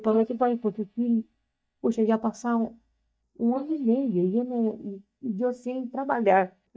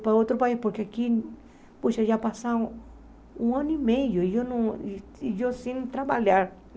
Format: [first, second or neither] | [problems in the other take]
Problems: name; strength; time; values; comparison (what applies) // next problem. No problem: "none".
second | noise reduction (neural mask model DeepFilterNet 3)